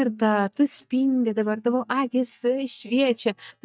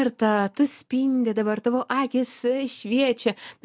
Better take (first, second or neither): second